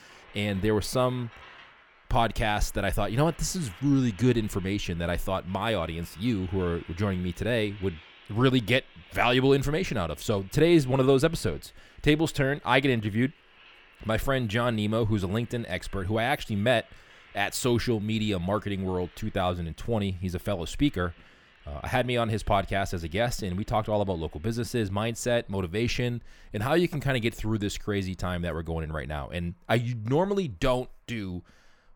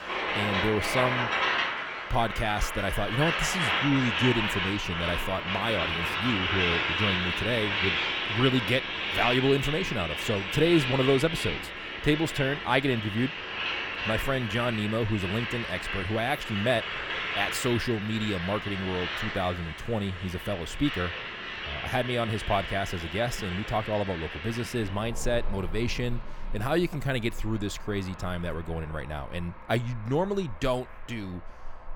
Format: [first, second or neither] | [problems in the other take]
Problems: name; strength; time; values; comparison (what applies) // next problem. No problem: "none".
first | traffic noise; loud; throughout; 1 dB below the speech; faint in the first